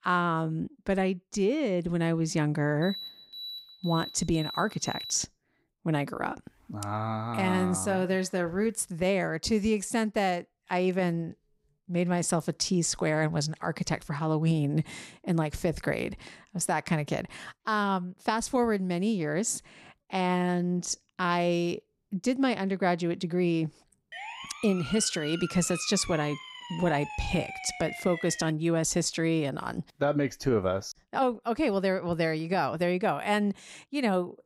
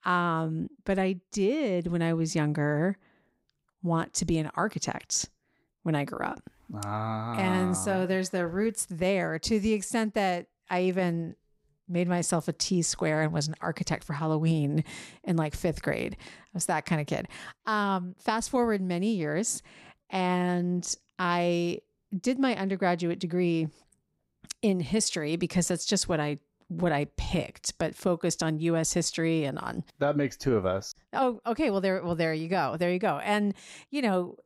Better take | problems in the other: second | alarm; noticeable; from 3 to 5 s; peak 9 dB below the speech // siren; noticeable; from 24 to 29 s; peak 8 dB below the speech

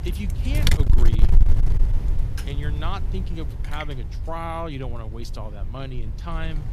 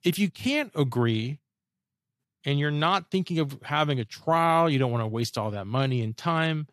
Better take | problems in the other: second | wind noise on the microphone; heavy; 1 dB below the speech

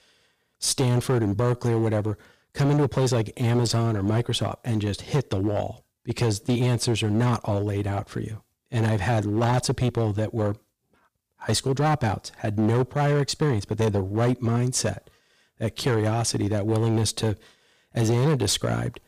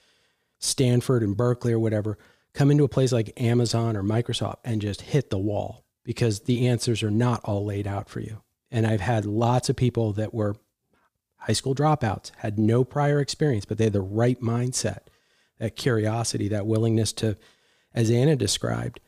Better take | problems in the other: second | distortion; slight; 10% of the sound clipped

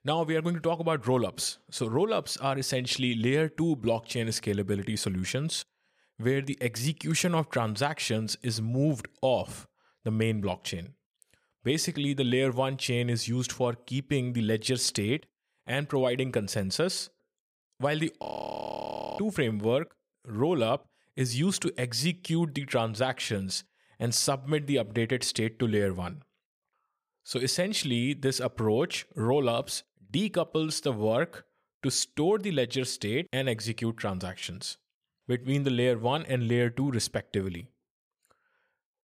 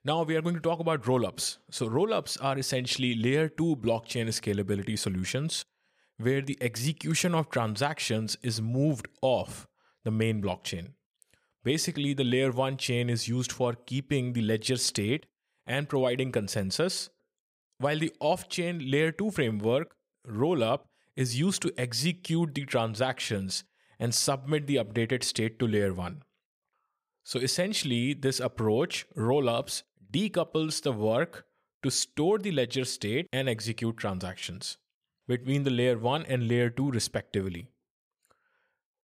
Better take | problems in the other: second | audio freezing; at 18 s for 1 s

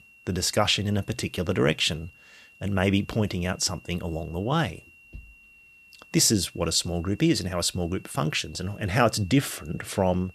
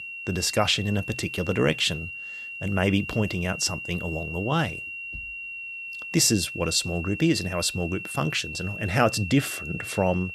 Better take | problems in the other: first | high-pitched whine; loud; throughout; 2.5 kHz, 8 dB below the speech; faint in the first

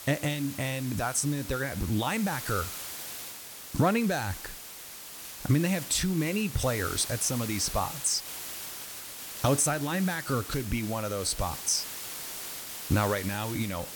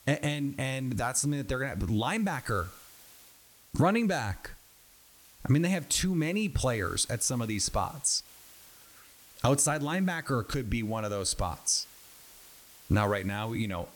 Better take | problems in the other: second | hiss; loud; throughout; 9 dB below the speech; faint in the second

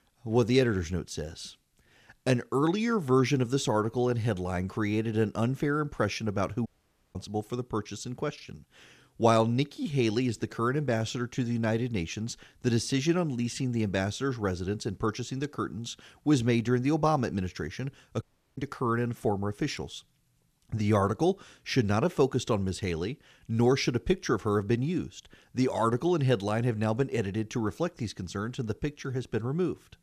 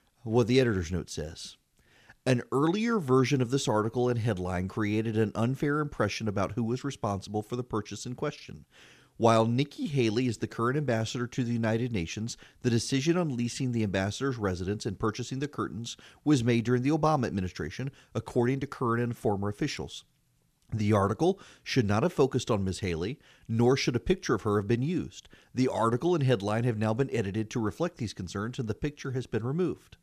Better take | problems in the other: second | audio cutting out; at 6.5 s and at 18 s

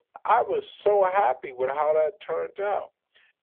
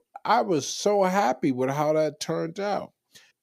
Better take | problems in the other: second | phone-call audio; poor line; nothing above 3.5 kHz

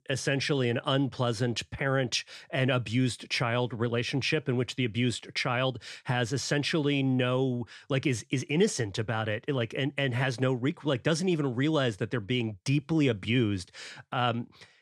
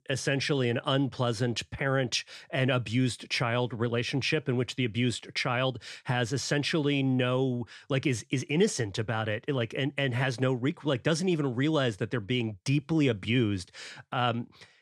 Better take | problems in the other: neither | none

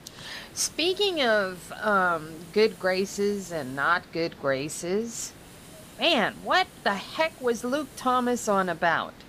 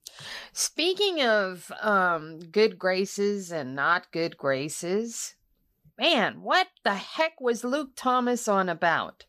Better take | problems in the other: second | hiss; faint; throughout; 20 dB below the speech

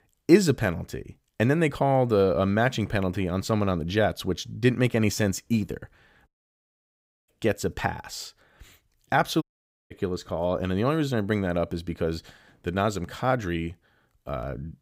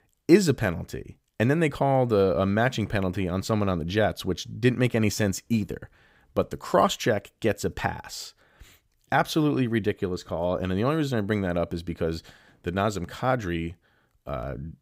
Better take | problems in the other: second | audio cutting out; at 6.5 s for 1 s and at 9.5 s

